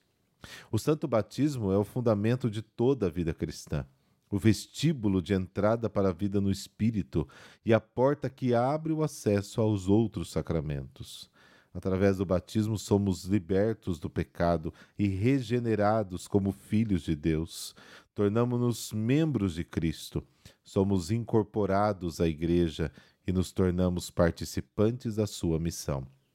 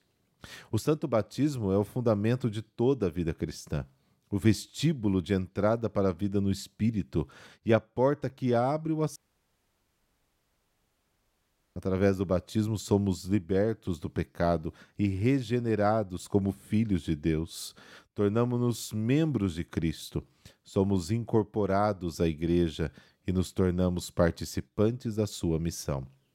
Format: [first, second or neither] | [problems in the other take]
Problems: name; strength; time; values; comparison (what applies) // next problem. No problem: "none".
first | audio cutting out; at 9 s for 2.5 s